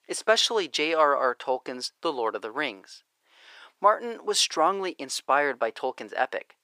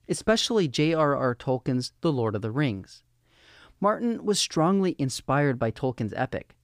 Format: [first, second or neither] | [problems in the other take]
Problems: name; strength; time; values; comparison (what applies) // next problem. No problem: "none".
second | thin; very; fading below 450 Hz